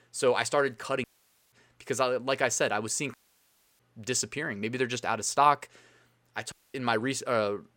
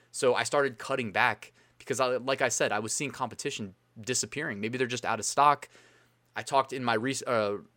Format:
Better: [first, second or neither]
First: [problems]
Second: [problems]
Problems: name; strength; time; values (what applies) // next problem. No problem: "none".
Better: second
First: audio cutting out; at 1 s, at 3 s for 0.5 s and at 6.5 s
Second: none